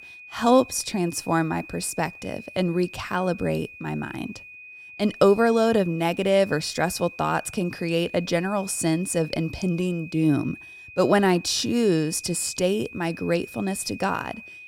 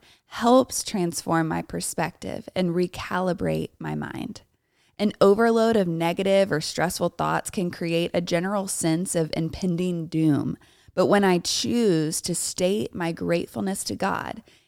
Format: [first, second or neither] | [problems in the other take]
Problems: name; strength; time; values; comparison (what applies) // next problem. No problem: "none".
second | high-pitched whine; noticeable; throughout; 2.5 kHz, 15 dB below the speech